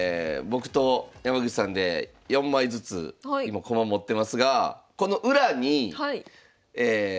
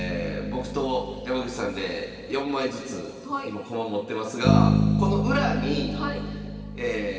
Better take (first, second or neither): first